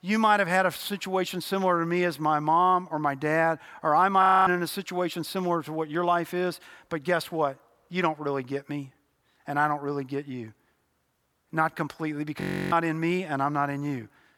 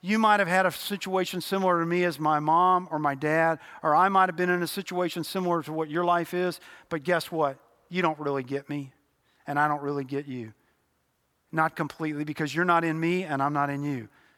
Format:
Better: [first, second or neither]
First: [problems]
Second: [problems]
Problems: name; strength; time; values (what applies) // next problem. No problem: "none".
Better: second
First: audio freezing; at 4 s and at 12 s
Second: none